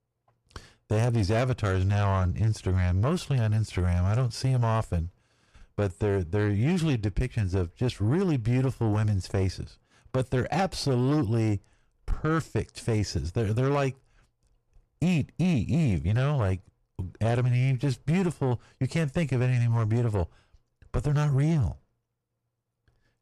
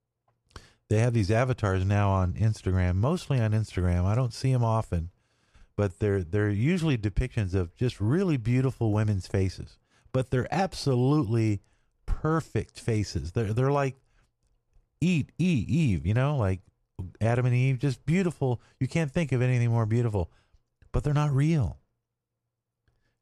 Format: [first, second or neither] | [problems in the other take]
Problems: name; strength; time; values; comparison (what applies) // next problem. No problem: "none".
second | distortion; slight; 10 dB below the speech